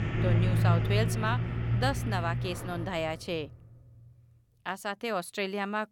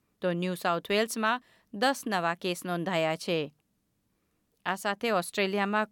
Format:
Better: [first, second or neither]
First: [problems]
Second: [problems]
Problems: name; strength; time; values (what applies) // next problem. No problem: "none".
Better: second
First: traffic noise; very loud; until 2.5 s; 4 dB above the speech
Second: none